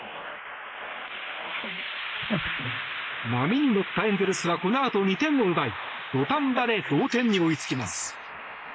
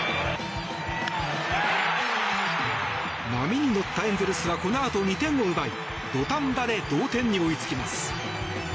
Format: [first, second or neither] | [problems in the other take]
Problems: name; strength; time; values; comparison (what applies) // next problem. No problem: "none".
second | noise reduction (neural mask model Resemble Enhance denoiser)